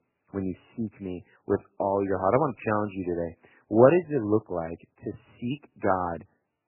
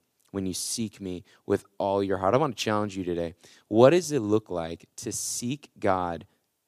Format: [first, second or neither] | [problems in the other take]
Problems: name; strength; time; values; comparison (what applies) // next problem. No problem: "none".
second | garbled, watery; badly; nothing above 3 kHz